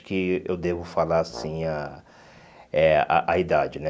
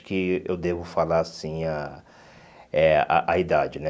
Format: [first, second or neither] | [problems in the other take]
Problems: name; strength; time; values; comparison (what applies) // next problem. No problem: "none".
second | background sound (Brass instrument); 19 dB below the speech